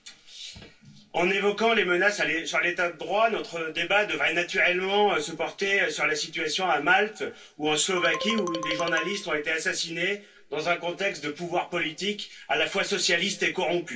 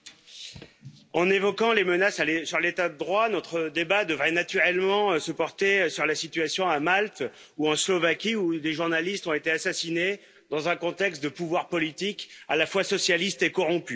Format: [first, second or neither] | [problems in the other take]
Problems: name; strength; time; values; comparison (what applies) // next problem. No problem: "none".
second | background sound (Marimba, xylophone); 8 dB below the speech // room echo; dies away in 0.2 s